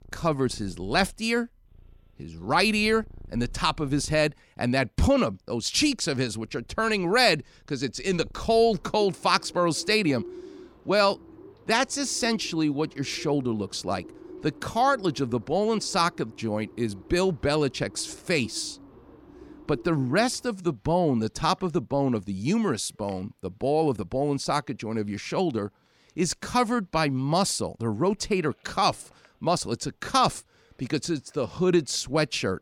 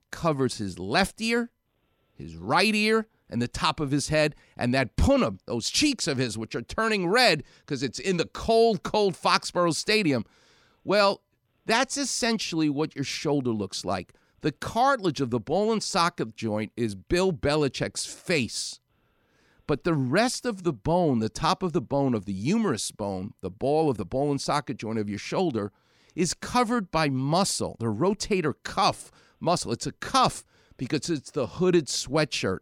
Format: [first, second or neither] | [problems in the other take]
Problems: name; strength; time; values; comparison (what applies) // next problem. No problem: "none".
second | animal sounds; faint; throughout; 20 dB below the speech